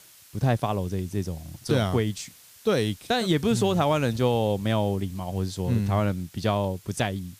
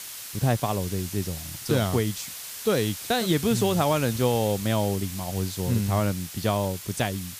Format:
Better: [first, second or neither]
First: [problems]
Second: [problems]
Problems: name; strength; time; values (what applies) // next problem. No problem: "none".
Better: first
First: hiss; faint; throughout; 25 dB below the speech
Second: hiss; loud; throughout; 9 dB below the speech